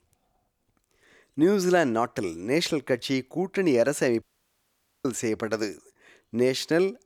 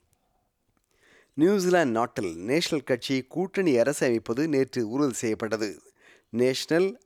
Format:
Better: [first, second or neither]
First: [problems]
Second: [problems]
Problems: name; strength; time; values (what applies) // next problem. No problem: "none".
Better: second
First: audio cutting out; at 4 s for 1 s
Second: none